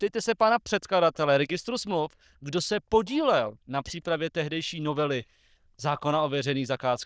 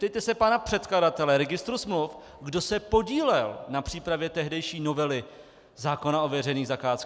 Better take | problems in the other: second | noise reduction (neural diffusion model UNIVERSE++)

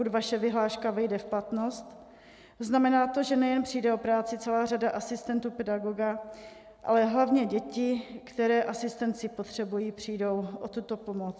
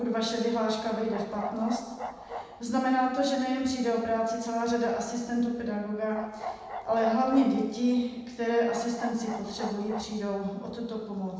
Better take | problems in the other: first | background sound (Bark); 11 dB below the speech // room echo; dies away in 1 s

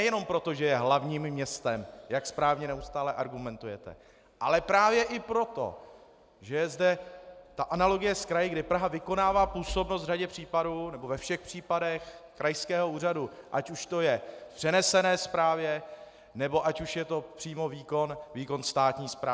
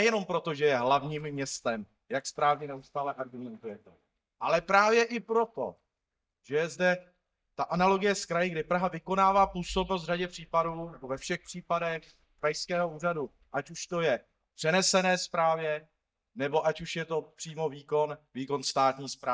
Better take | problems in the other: first | noise reduction (neural mask model DeepFilterNet 3)

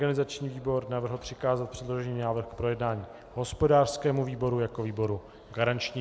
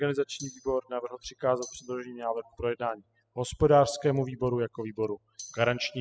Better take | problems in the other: first | noise reduction (classical method spectral subtraction)

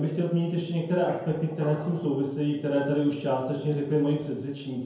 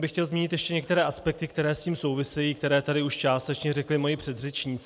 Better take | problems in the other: second | background sound (Squeak); 18 dB below the speech // room echo; dies away in 0.9 s

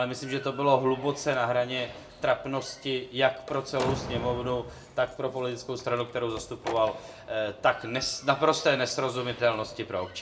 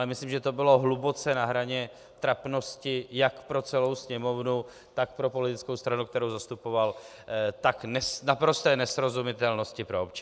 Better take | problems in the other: second | background sound (Slam); 14 dB below the speech // room echo; dies away in 0.4 s

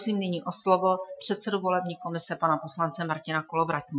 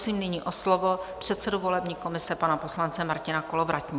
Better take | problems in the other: second | noise reduction (classical method Wiener filter)

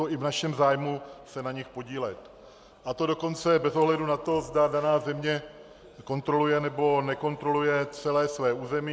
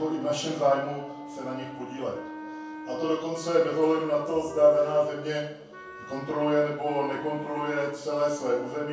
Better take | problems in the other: first | background sound (Wind instrument, woodwind instrument); 14 dB below the speech // room echo; dies away in 0.6 s

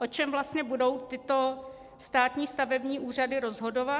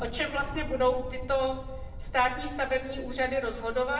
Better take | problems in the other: first | background sound (Thunder); 9 dB below the speech // room echo; dies away in 0.7 s

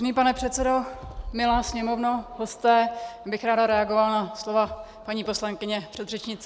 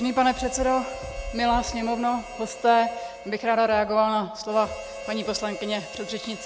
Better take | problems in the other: first | background sound (Harmonica); 14 dB below the speech

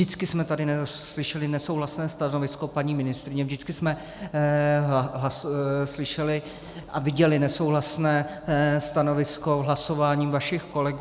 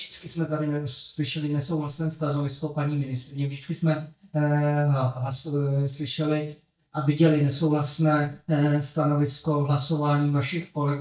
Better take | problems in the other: first | noise reduction (neural mask model DeepFilterNet 3)

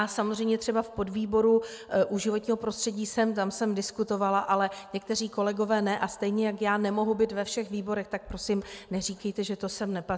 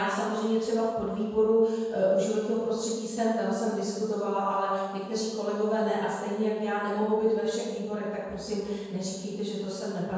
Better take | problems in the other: first | room echo; dies away in 1.1 s

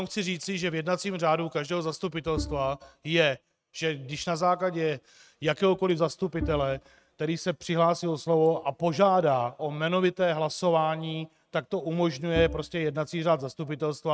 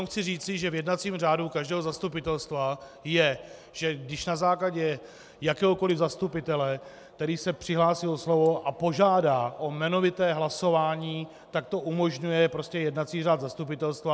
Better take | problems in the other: second | noise reduction (neural mask model RNNoise)

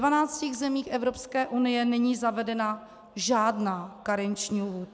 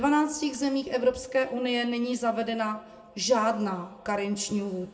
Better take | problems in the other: first | room echo; dies away in 0.3 s

